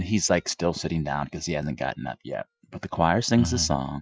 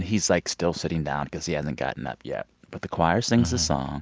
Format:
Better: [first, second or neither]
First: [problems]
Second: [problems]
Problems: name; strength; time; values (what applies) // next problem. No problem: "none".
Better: second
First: noise reduction (classical method Wiener filter)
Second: none